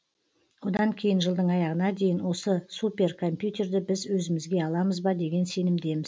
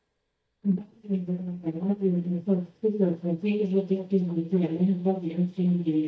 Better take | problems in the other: first | noise reduction (neural mask model DeepFilterNet 3)

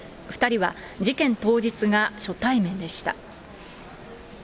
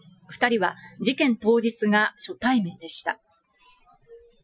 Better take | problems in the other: first | noise reduction (classical method Wiener filter)

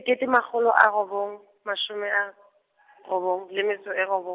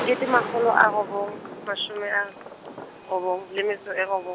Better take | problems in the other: first | background sound (Fireworks); 10 dB below the speech

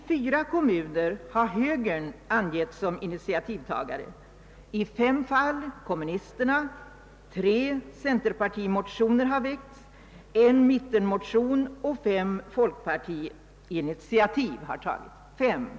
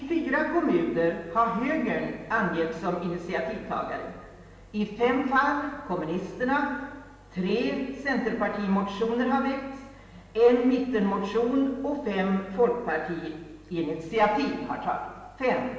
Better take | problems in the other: first | room echo; dies away in 1.1 s

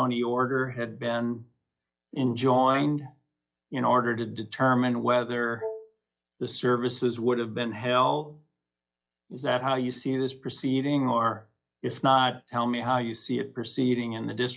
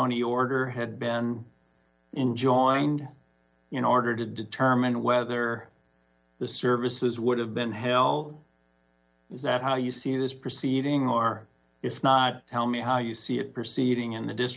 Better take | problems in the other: second | noise reduction (classical method log-MMSE)

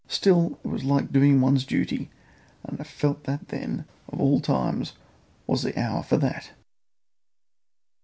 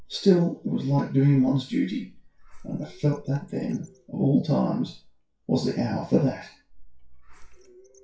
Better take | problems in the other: first | noise reduction (classical method WPE with log-MMSE)

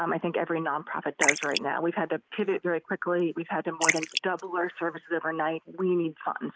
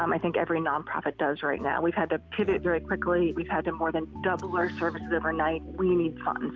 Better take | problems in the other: second | noise reduction (neural mask model Resemble Enhance denoiser)

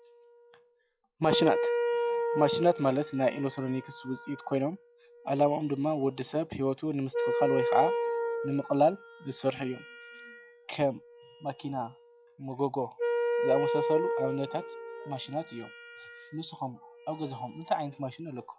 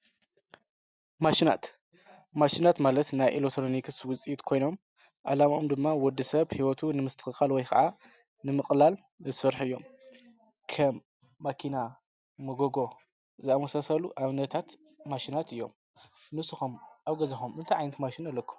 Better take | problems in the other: second | noise reduction (classical method log-MMSE)

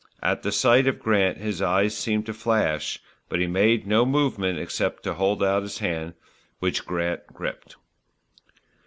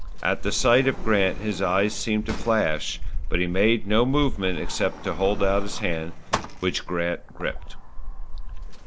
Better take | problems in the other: first | background sound (Sliding door); 2 dB below the speech

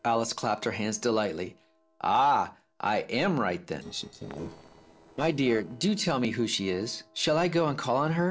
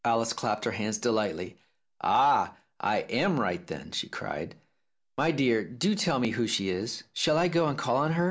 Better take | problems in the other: second | noise reduction (neural separator model SepFormer DNS4)

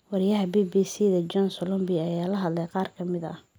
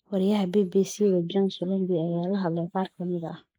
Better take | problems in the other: first | noise reduction (neural mask model Resemble Enhance denoiser)

